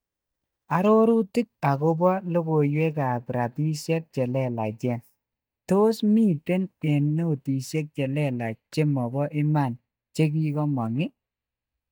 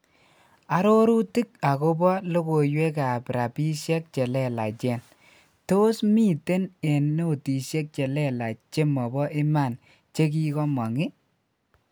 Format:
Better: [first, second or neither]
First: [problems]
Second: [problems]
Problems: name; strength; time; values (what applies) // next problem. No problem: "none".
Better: second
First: noise reduction (neural mask model DeepFilterNet 3)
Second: none